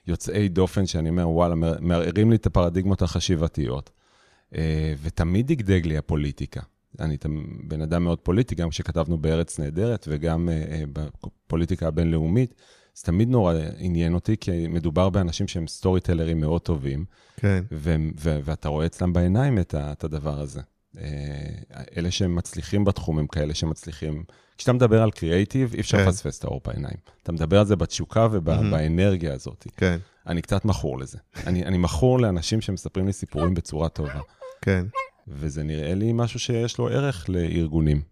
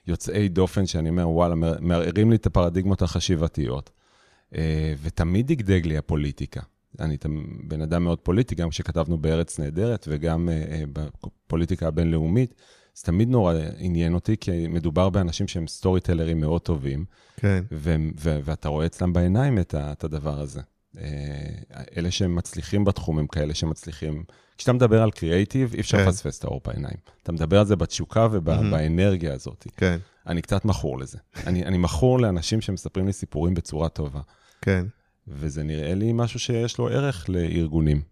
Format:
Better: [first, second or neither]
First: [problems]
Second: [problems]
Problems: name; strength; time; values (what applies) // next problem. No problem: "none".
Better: second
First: dog barking; noticeable; from 33 to 35 s; peak 8 dB below the speech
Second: none